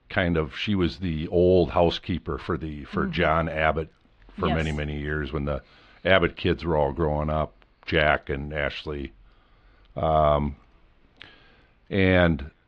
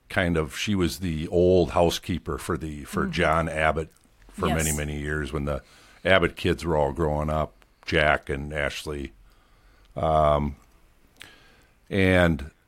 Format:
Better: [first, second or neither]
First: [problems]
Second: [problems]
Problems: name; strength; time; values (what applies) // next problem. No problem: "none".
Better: second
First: muffled; slightly; fading above 4 kHz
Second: none